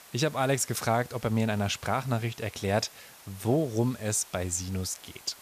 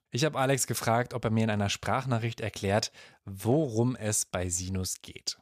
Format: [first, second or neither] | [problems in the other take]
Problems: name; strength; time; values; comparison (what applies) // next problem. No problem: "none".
second | hiss; noticeable; throughout; 20 dB below the speech